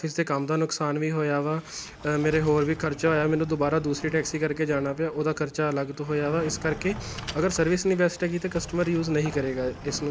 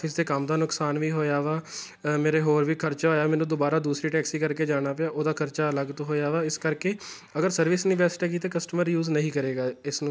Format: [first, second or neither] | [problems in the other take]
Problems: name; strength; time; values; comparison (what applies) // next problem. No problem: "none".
second | background sound (Sliding door); 15 dB below the speech